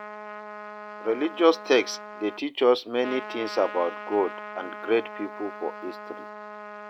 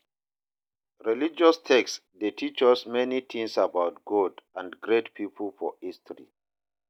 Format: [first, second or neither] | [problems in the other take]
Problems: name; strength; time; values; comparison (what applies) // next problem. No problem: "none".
second | background sound (Trumpet); 12 dB below the speech